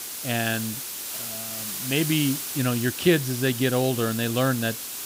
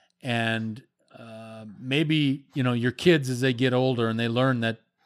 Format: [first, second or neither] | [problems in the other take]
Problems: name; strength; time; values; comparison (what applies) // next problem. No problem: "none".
second | hiss; loud; throughout; 6 dB below the speech